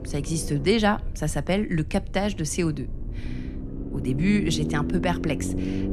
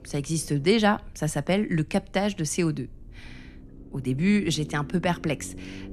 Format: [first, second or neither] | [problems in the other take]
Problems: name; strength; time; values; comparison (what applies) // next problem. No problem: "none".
second | low rumble; loud; throughout; 10 dB below the speech; faint in the second